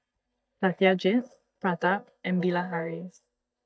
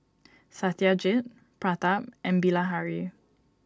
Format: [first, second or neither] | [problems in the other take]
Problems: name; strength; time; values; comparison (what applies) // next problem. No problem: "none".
second | noise reduction (neural mask model DeepFilterNet 3)